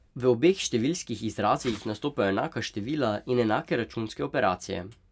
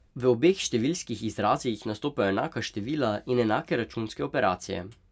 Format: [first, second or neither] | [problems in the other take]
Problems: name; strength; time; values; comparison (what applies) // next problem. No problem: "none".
second | background sound (Whoosh, swoosh, swish); 17 dB below the speech